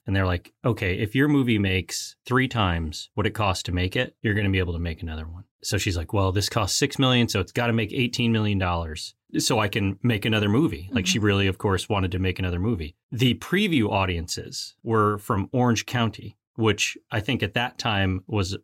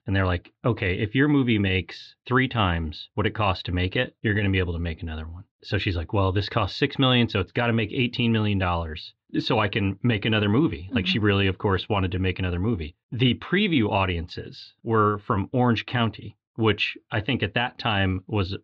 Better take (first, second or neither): first